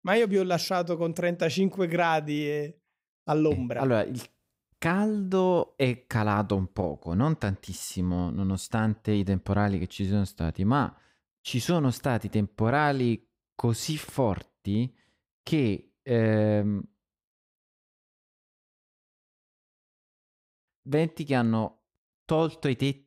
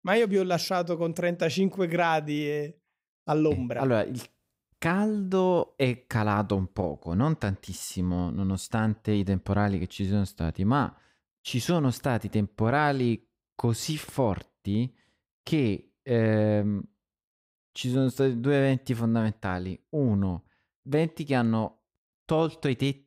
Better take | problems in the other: second | audio freezing; at 18 s for 3 s

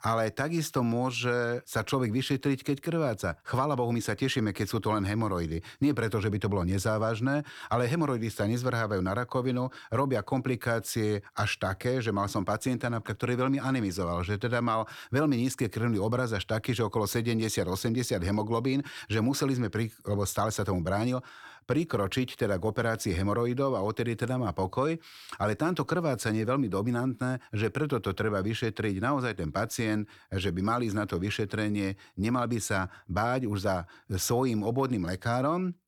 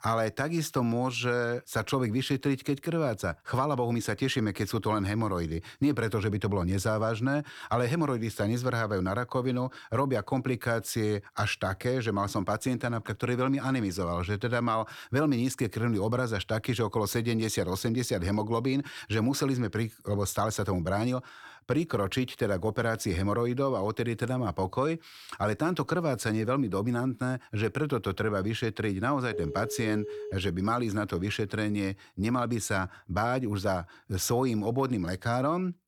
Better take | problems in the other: first | phone ringing; noticeable; from 29 to 30 s; peak 8 dB below the speech

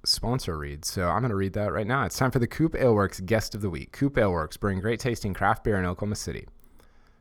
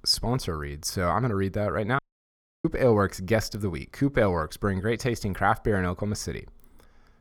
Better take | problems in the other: first | audio cutting out; at 2 s for 0.5 s

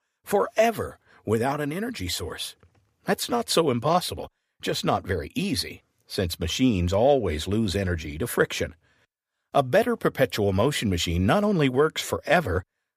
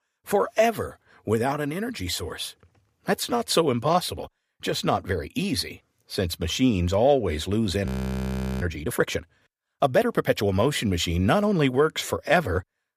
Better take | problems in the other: first | audio freezing; at 8 s for 0.5 s

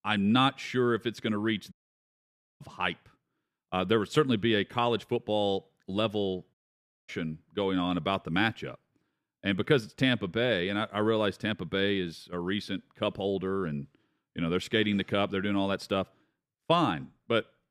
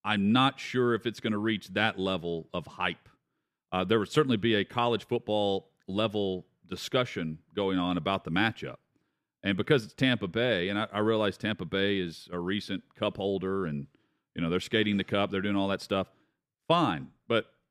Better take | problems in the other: second | audio cutting out; at 1.5 s for 1 s and at 6.5 s for 0.5 s

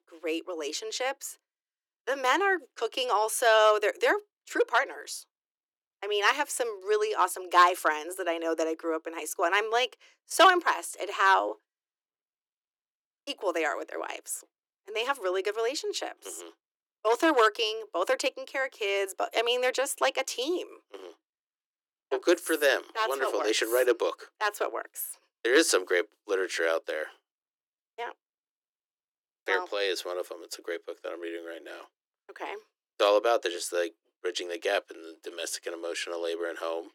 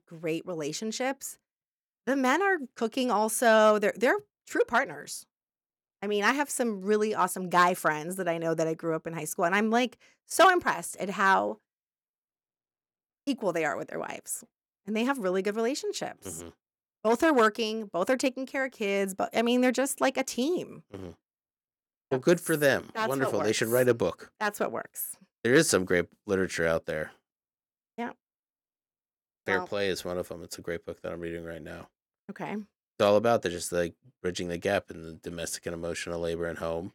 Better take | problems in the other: second | thin; very; fading below 300 Hz

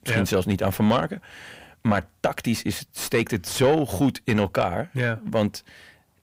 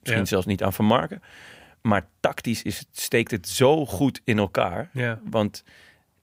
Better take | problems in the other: second | distortion; slight; 10 dB below the speech

